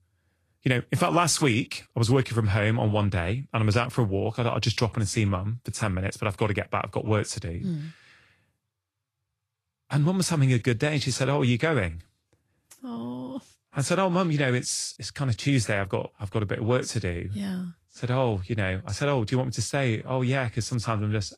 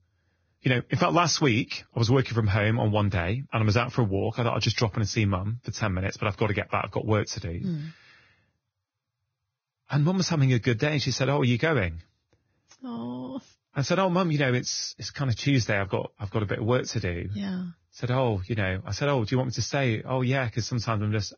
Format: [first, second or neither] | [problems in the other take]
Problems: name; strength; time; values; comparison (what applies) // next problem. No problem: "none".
first | garbled, watery; badly; nothing above 6.5 kHz; slightly in the first